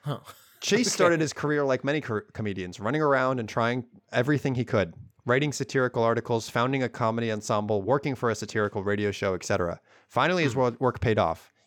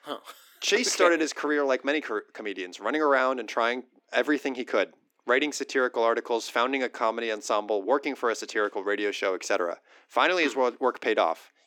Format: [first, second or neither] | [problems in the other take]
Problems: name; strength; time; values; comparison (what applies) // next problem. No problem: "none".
first | thin; somewhat; fading below 300 Hz